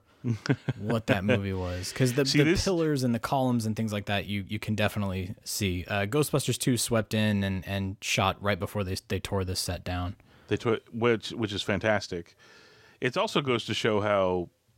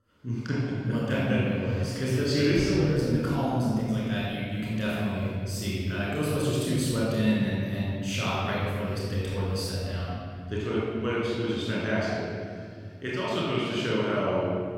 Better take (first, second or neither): first